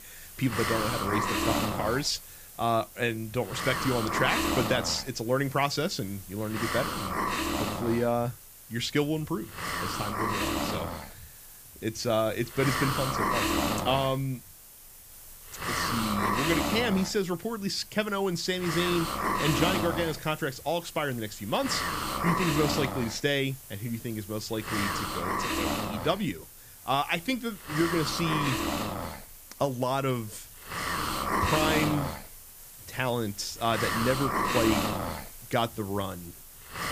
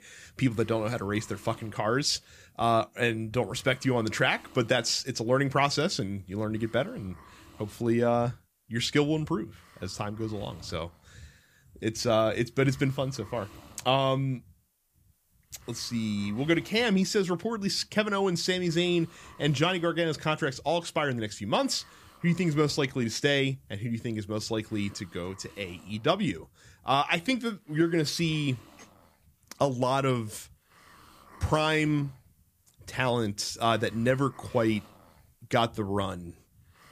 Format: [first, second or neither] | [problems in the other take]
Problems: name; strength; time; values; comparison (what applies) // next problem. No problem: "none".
second | hiss; loud; throughout; as loud as the speech; faint in the second